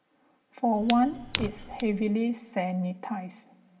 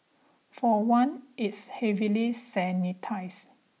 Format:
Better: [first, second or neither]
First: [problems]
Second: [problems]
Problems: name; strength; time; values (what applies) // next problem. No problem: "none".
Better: second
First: background sound (Fire); 10 dB below the speech // room echo; dies away in 2.4 s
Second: none